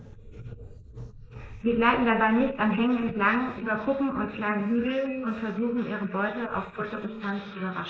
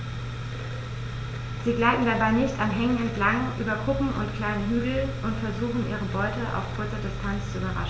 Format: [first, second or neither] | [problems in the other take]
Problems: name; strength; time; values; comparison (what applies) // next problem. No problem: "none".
second | noise reduction (neural mask model Resemble Enhance denoiser)